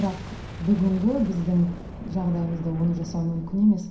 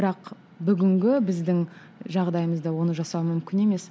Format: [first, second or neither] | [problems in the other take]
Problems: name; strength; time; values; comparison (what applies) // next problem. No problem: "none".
second | background sound (Boom); 13 dB below the speech // room echo; dies away in 0.5 s